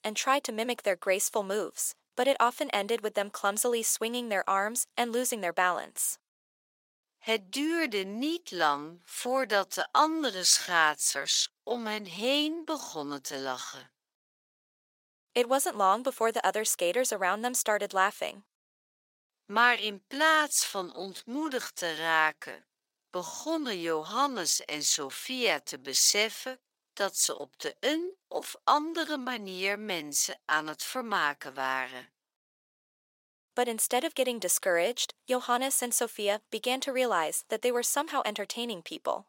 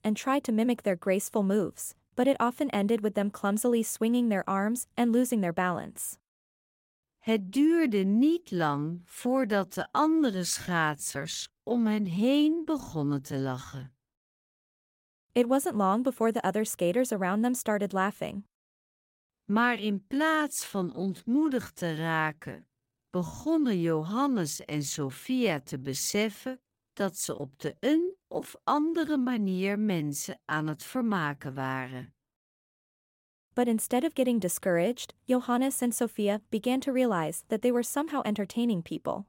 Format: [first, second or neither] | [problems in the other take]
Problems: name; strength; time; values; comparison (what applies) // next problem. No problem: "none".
second | thin; somewhat; fading below 550 Hz